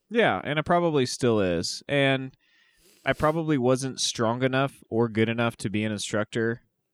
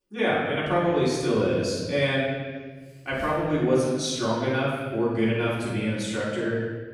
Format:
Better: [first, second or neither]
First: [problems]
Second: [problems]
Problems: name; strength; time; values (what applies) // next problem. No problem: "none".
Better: first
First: none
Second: off-mic speech; far // room echo; strong; dies away in 1.4 s